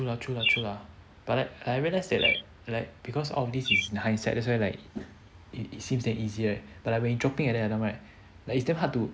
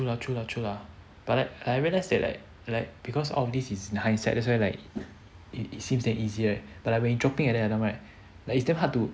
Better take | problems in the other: second | background sound (Bird); 3 dB below the speech

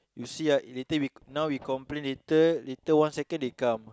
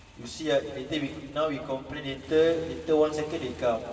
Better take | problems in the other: first | background sound (Motorcycle); 20 dB below the speech // room echo; dies away in 2.3 s

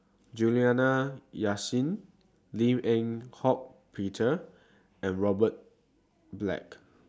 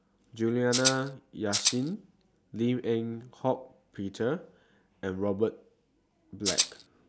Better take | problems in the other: first | background sound (Rattle (instrument)); 3 dB above the speech

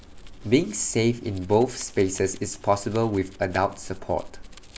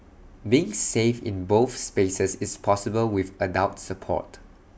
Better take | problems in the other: second | background sound (Domestic sounds, home sounds); 17 dB below the speech

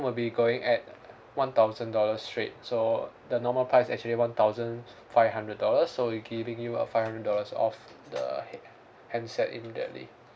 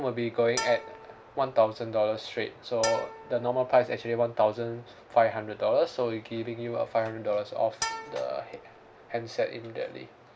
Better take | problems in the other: first | background sound (Bowed string instrument); 10 dB below the speech

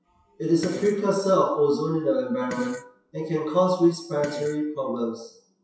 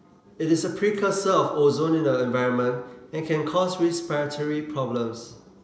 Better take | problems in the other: second | noise reduction (classical method WPE with log-MMSE)

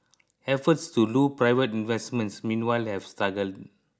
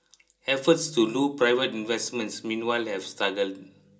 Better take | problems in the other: first | room echo; dies away in 0.2 s

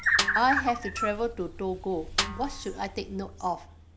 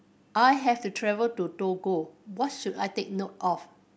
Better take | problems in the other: second | background sound (Bird + Snare drum); 1 dB below the speech

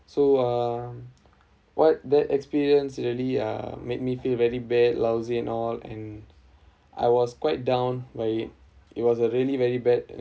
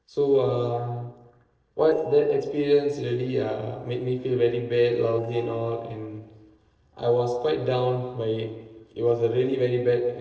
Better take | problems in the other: first | noise reduction (neural separator model SepFormer DNS4)

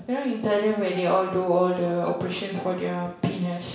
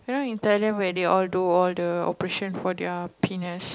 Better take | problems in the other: second | background sound (Bowed string instrument); 19 dB below the speech // room echo; dies away in 0.7 s

